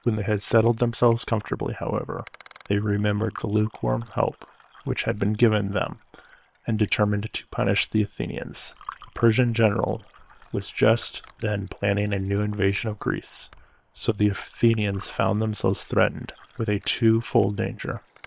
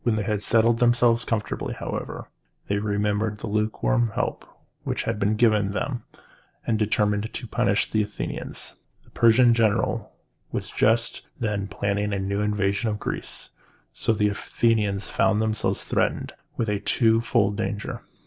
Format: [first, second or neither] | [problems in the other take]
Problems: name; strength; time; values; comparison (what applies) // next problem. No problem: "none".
second | noise reduction (neural separator model SepFormer WHAM!)